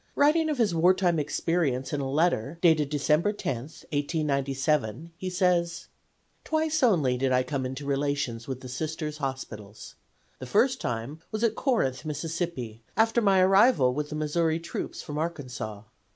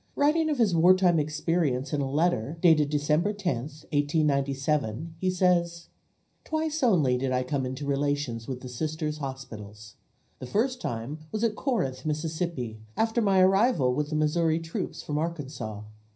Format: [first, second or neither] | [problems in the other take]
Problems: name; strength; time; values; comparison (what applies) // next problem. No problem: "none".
first | room echo; dies away in 0.4 s